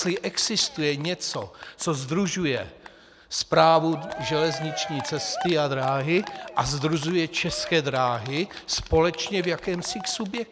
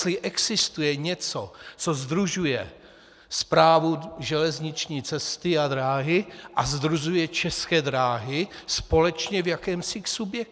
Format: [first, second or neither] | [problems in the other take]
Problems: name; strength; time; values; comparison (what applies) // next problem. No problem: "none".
second | background sound (Cheering); 14 dB below the speech